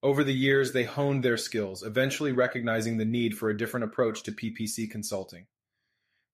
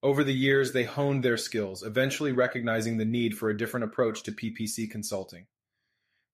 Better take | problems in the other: neither | none

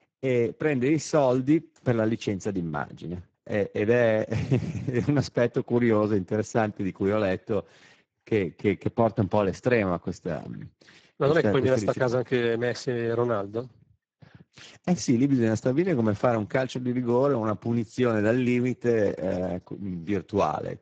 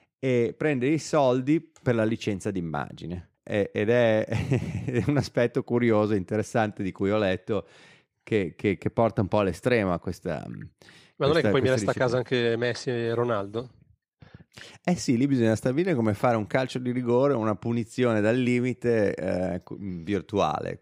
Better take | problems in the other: second | garbled, watery; badly; nothing above 7.5 kHz

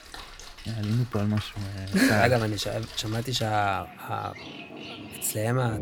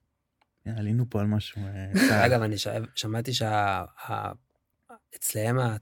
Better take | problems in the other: second | rain or running water; noticeable; throughout; 15 dB below the speech

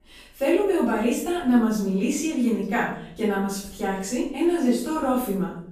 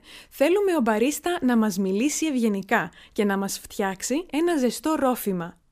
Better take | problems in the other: second | off-mic speech; far // room echo; noticeable; dies away in 0.6 s

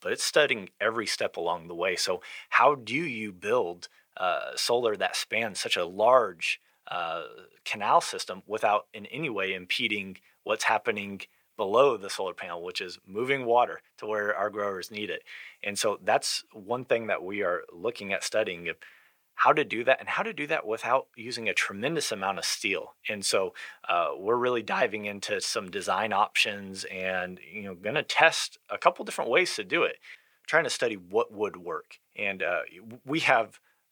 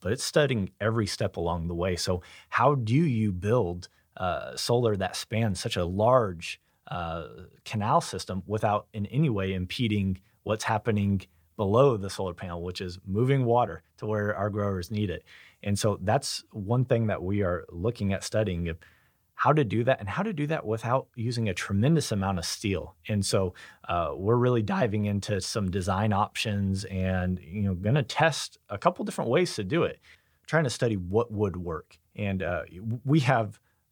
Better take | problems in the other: second | thin; very; fading below 450 Hz

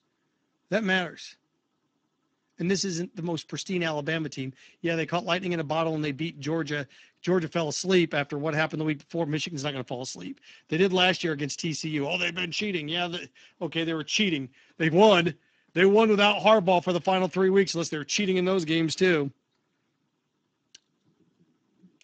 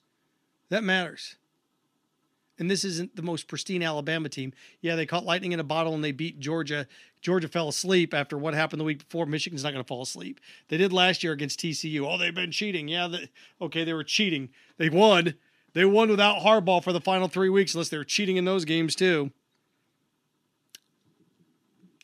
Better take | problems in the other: second | garbled, watery; badly

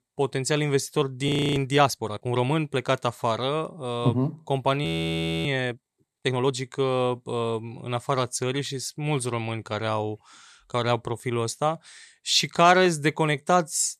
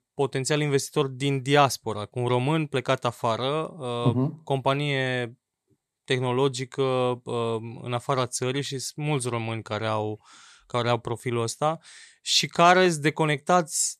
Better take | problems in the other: second | audio freezing; at 1.5 s and at 5 s for 0.5 s

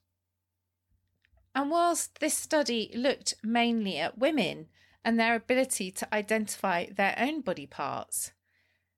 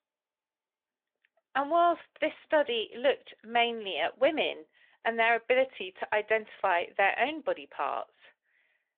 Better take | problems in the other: first | phone-call audio; nothing above 3.5 kHz

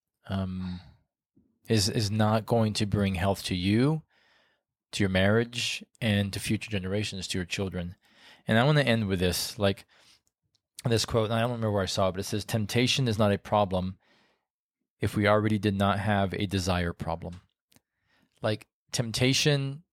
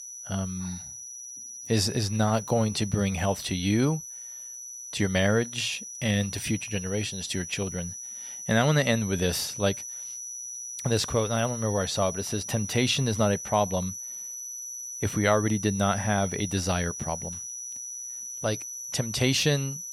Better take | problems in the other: first | high-pitched whine; loud; throughout; 6 kHz, 8 dB below the speech

